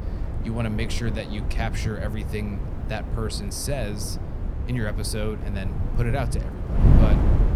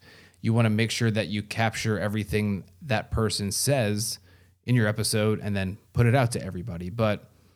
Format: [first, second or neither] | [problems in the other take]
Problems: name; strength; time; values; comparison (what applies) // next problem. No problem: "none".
second | wind noise on the microphone; heavy; 4 dB below the speech